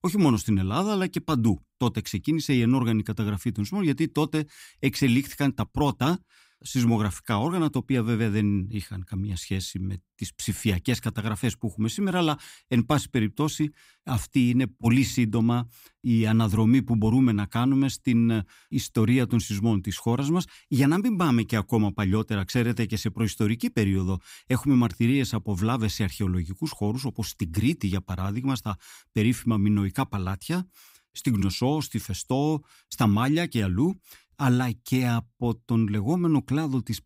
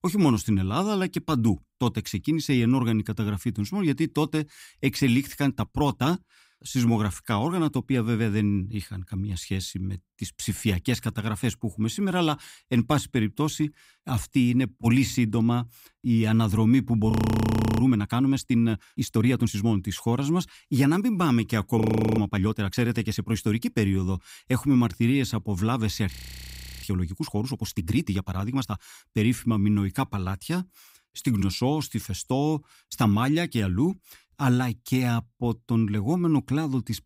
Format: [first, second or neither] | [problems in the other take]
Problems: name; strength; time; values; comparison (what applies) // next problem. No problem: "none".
first | audio freezing; at 17 s for 0.5 s, at 22 s and at 26 s for 0.5 s